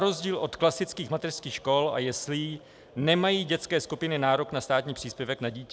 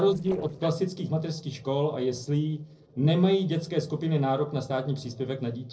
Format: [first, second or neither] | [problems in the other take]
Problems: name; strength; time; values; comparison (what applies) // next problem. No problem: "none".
first | noise reduction (neural separator model SepFormer DNS4)